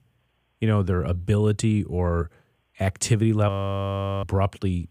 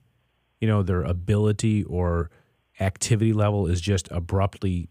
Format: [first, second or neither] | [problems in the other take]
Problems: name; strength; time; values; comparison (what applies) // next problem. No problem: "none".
second | audio freezing; at 3.5 s for 0.5 s